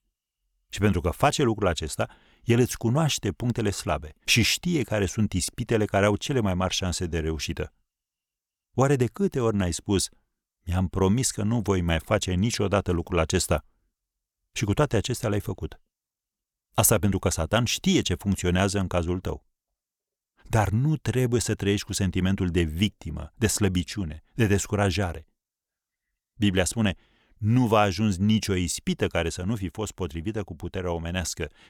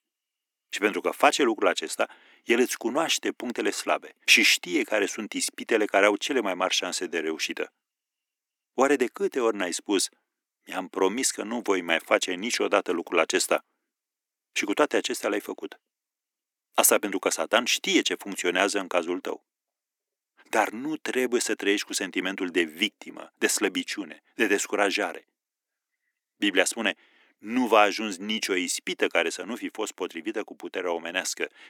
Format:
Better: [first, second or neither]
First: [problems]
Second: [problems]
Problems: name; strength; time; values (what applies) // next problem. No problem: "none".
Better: first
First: none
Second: thin; somewhat; fading below 250 Hz